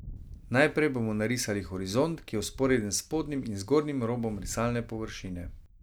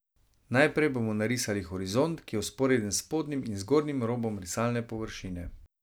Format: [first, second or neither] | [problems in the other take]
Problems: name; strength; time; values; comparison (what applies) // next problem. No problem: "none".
second | background sound (Wind); 18 dB below the speech